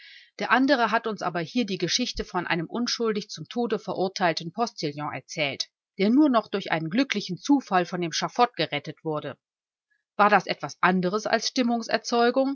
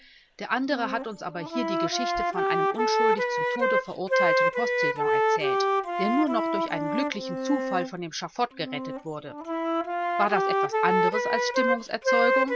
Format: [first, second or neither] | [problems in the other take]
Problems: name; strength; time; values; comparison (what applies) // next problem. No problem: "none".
first | background sound (Wind instrument, woodwind instrument); 5 dB above the speech